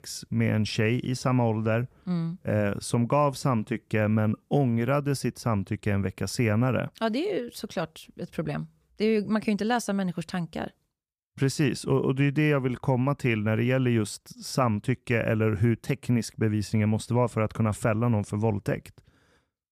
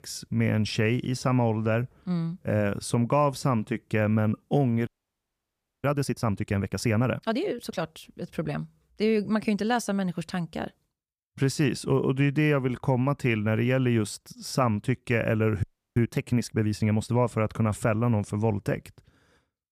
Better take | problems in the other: first | audio freezing; at 5 s for 1 s and at 16 s

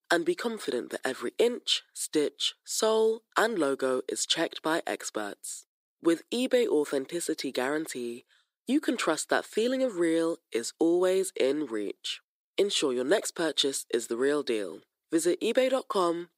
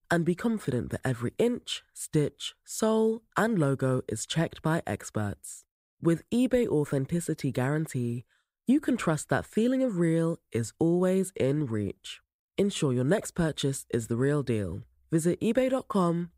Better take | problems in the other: second | thin; somewhat; fading below 300 Hz

